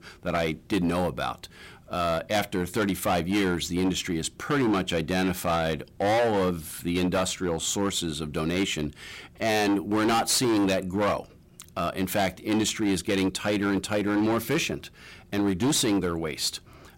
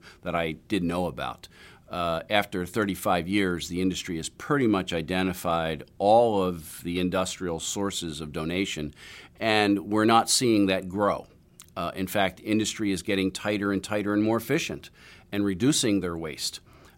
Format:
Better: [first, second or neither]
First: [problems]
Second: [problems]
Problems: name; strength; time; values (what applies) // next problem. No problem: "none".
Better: second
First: distortion; heavy; 13% of the sound clipped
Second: none